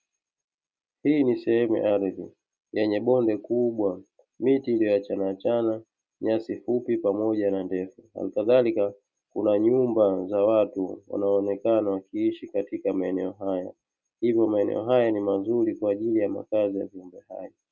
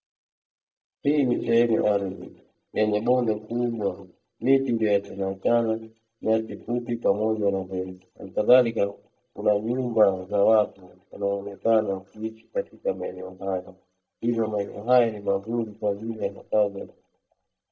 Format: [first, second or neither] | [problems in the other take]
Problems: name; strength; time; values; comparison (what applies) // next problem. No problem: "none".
first | noise reduction (neural mask model DeepFilterNet 3)